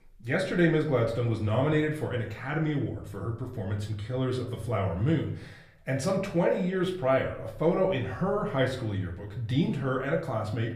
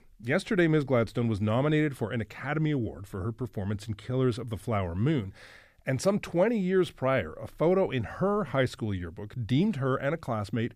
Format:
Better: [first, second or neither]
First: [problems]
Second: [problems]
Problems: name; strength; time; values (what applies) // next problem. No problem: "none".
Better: second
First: room echo; slight; dies away in 0.5 s // off-mic speech; far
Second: none